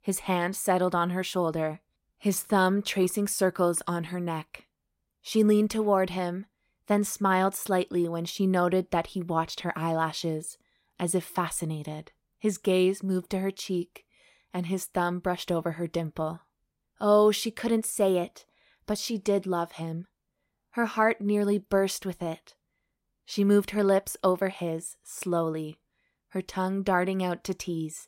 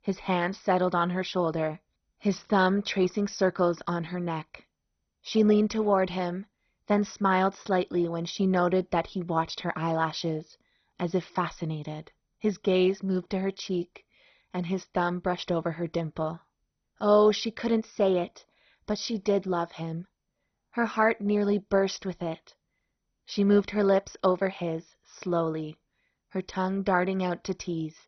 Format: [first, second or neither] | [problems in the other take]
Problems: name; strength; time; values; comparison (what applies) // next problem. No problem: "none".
first | garbled, watery; badly; nothing above 6 kHz